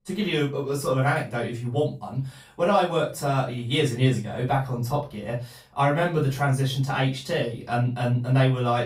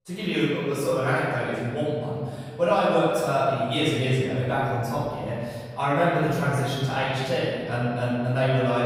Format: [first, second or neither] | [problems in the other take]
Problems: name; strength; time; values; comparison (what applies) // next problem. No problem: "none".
first | room echo; strong; dies away in 1.8 s; slight in the first // off-mic speech; far; far in the first